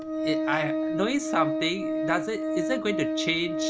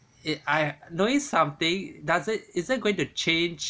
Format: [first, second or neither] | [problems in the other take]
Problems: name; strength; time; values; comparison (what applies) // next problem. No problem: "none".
second | background sound (Organ); as loud as the speech